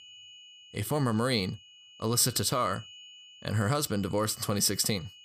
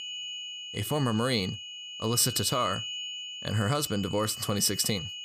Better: first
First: high-pitched whine; faint; throughout; 3 kHz, 20 dB below the speech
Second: high-pitched whine; loud; throughout; 3 kHz, 8 dB below the speech

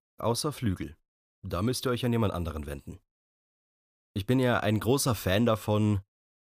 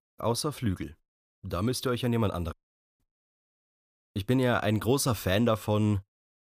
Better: first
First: none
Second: audio cutting out; at 2.5 s

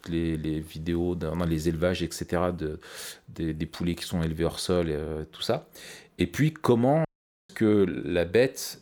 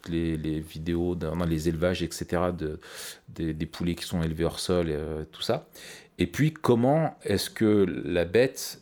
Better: second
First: audio cutting out; at 7 s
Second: none

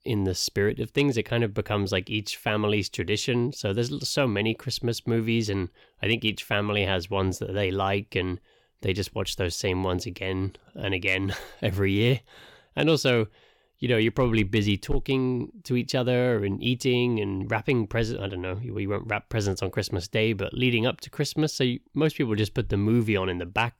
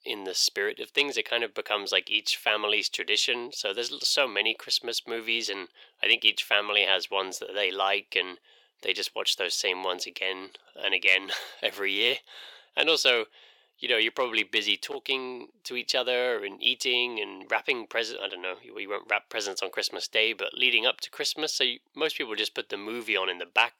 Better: first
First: none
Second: thin; very; fading below 500 Hz

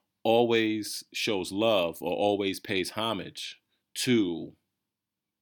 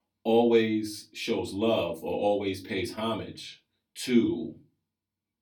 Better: first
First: none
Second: off-mic speech; far // room echo; very slight; dies away in 0.3 s

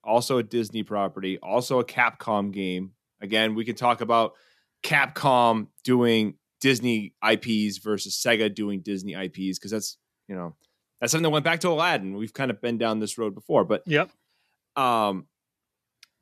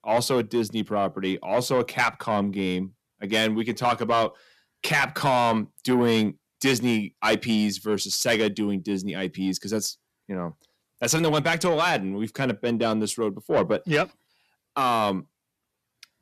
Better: first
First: none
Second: distortion; slight; 10 dB below the speech

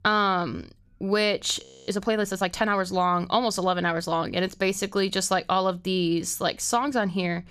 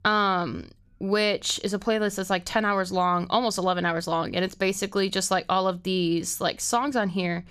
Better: second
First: audio freezing; at 1.5 s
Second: none

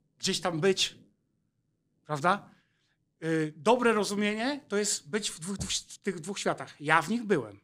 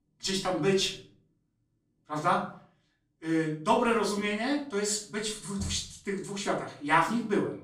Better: first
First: none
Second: off-mic speech; far // room echo; slight; dies away in 0.4 s

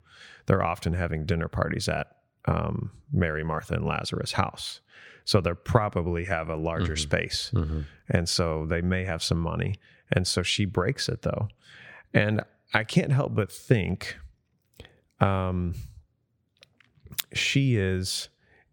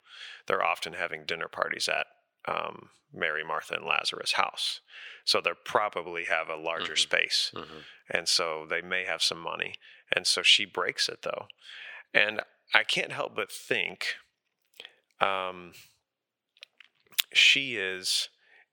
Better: first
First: none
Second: thin; very; fading below 600 Hz

